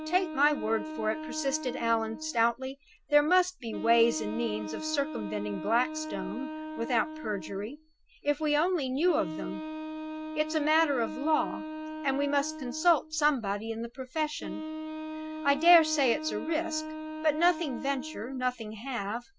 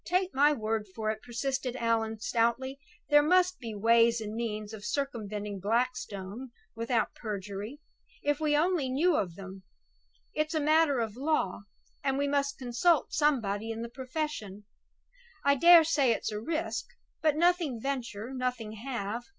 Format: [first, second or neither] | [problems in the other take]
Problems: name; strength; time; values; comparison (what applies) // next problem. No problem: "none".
second | background sound (Wind instrument, woodwind instrument); 9 dB below the speech